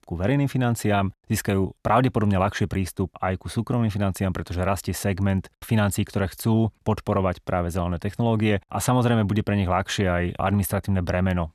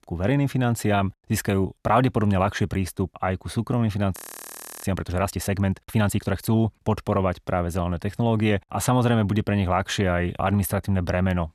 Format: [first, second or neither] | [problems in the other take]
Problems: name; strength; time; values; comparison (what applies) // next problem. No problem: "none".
first | audio freezing; at 4 s for 0.5 s